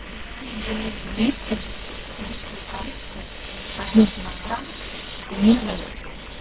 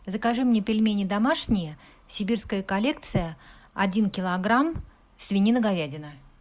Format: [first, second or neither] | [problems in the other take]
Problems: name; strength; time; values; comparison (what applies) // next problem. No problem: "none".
second | noise reduction (neural separator model SepFormer WHAMR!)